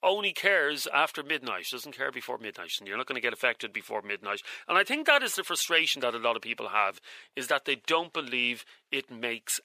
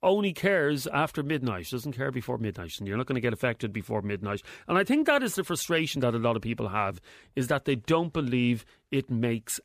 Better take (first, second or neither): second